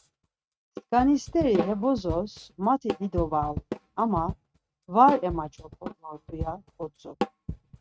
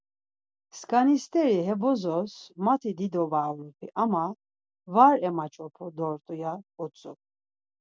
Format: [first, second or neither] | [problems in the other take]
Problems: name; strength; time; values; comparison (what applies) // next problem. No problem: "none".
second | noise reduction (neural mask model RNNoise)